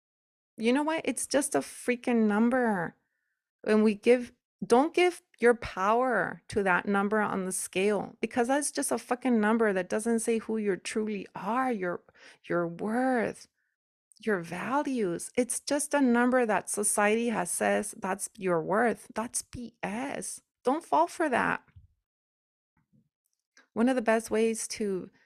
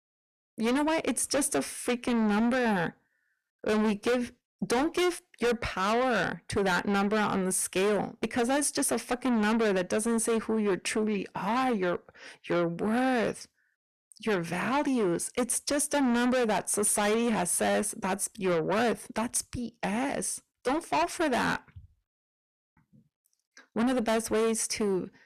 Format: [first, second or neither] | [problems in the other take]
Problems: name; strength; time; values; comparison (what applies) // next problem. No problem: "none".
first | distortion; heavy; 6 dB below the speech